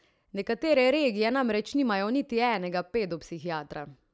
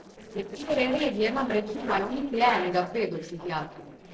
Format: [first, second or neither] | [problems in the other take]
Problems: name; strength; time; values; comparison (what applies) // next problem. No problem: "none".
first | noise reduction (neural separator model SepFormer DNS4)